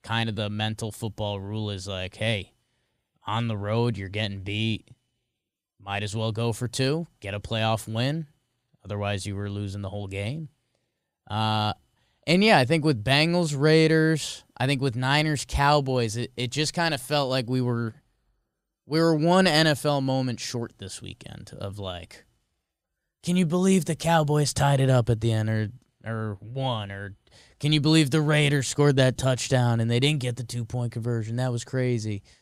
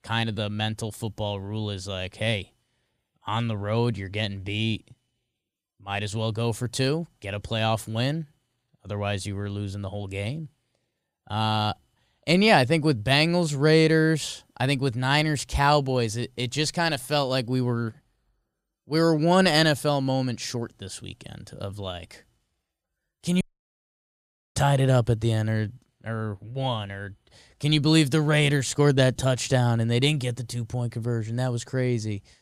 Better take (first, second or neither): first